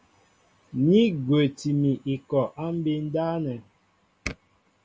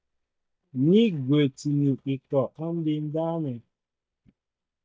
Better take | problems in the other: first | noise reduction (neural mask model DeepFilterNet 3)

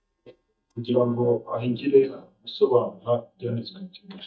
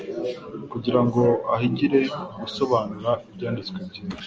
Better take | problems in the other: second | noise reduction (neural mask model DeepFilterNet 3)

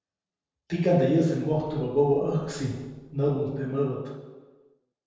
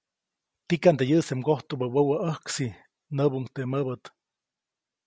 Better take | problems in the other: second | noise reduction (neural separator model SepFormer DNS4)

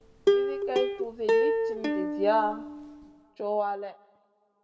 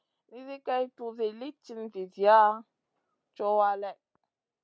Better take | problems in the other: second | background sound (Plucked string instrument); 4 dB above the speech // room echo; dies away in 1 s

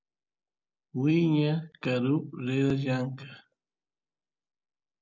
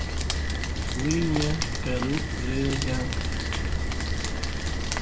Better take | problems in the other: first | background sound (Rain); 4 dB above the speech

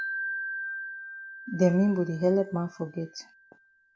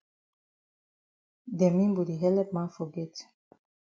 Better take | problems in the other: second | background sound (Wind chime); 9 dB below the speech

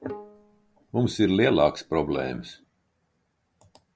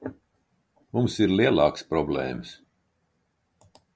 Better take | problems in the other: second | background sound (Bowed string instrument); 20 dB below the speech

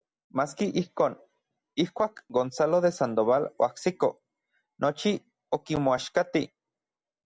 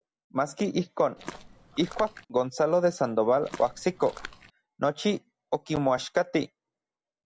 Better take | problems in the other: first | background sound (Walk, footsteps); 15 dB below the speech

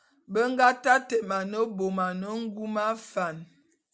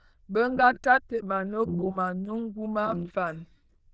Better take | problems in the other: first | noise reduction (neural diffusion model UNIVERSE++)

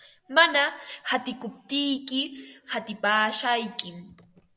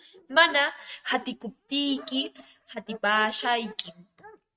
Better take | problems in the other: first | noise reduction (neural mask model RNNoise)

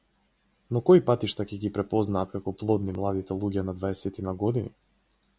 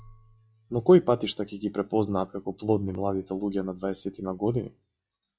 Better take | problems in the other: first | noise reduction (classical method log-MMSE)

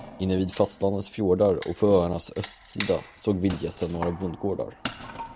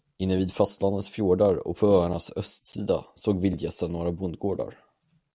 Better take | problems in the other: second | background sound (Wood); 15 dB below the speech

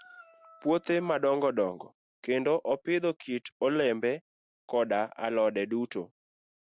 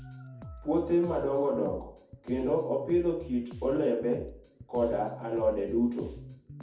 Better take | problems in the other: first | background sound (Bass guitar); 15 dB below the speech // room echo; dies away in 0.6 s

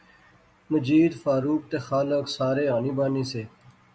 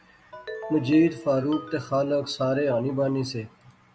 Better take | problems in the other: first | background sound (Ringtone); 14 dB below the speech

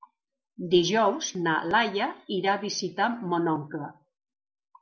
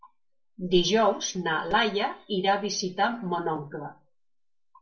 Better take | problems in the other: first | room echo; dies away in 0.1 s

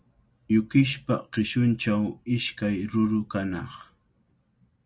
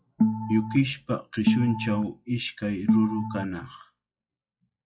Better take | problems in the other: first | noise reduction (classical method log-MMSE)

